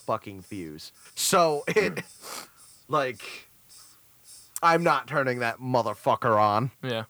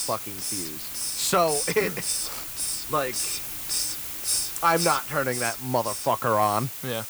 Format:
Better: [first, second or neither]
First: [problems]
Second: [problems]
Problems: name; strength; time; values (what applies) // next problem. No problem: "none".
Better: first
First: hiss; faint; throughout; 25 dB below the speech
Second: hiss; loud; throughout; 3 dB below the speech